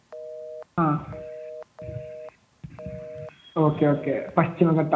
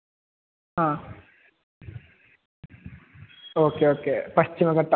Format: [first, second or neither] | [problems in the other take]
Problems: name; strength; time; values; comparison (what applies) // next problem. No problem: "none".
second | background sound (Telephone); 14 dB below the speech // room echo; dies away in 0.4 s